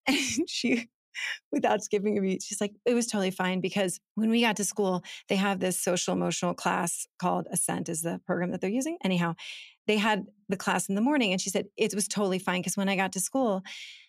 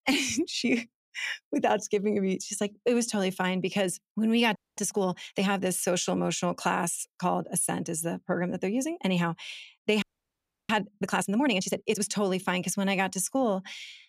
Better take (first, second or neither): first